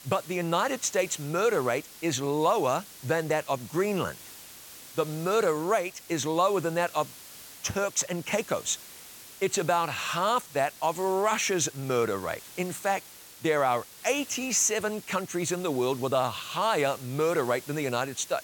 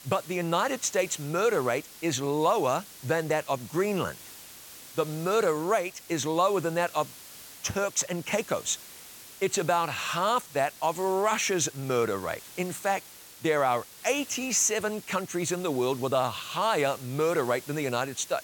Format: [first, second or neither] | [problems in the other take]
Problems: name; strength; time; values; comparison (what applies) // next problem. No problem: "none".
neither | hiss; noticeable; throughout; 15 dB below the speech; the same in both